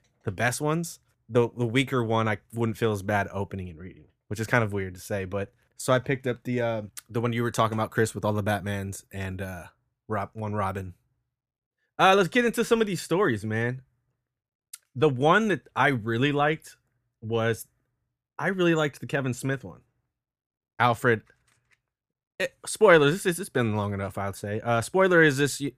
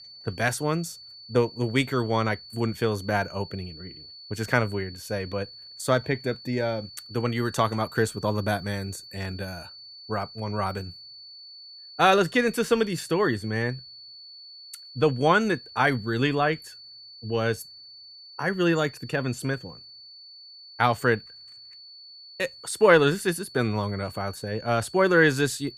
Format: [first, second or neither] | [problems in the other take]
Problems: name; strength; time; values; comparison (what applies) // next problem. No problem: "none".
first | high-pitched whine; noticeable; throughout; 4.5 kHz, 15 dB below the speech